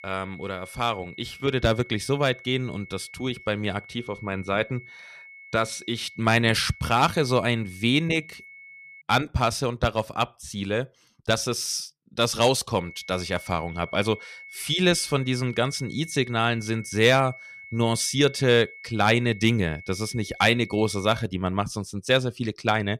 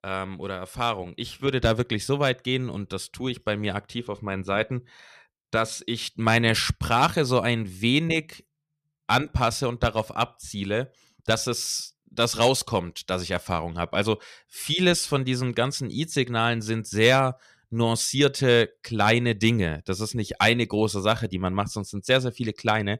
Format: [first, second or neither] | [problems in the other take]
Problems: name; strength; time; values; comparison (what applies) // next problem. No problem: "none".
second | high-pitched whine; noticeable; until 9 s and from 13 to 21 s; 2 kHz, 20 dB below the speech